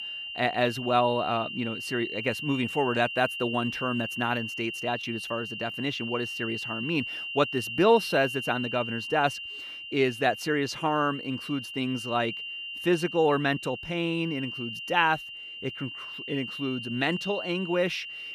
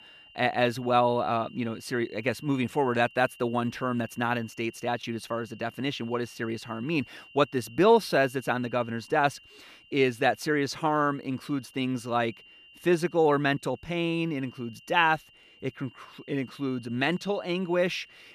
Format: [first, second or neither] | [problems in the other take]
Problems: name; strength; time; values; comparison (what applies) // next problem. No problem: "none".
second | high-pitched whine; loud; throughout; 3 kHz, 6 dB below the speech; faint in the second